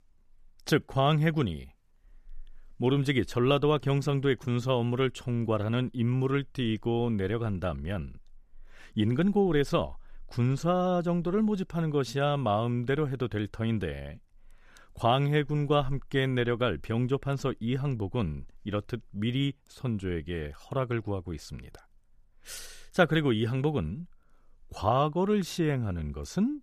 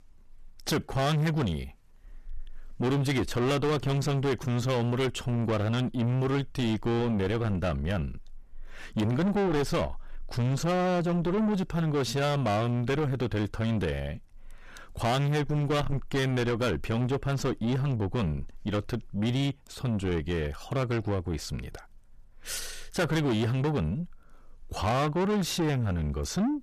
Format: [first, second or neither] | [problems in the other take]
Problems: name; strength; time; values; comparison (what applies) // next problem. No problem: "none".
first | distortion; heavy; 7 dB below the speech